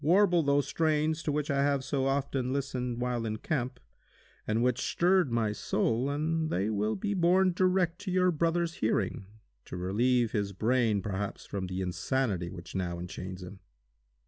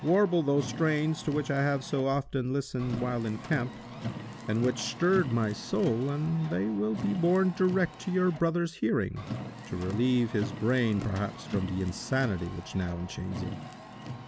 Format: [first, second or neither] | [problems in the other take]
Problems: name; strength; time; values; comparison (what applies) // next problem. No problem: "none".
first | background sound (Car); 11 dB below the speech